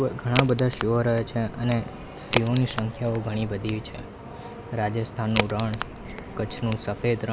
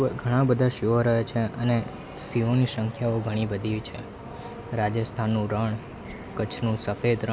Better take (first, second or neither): second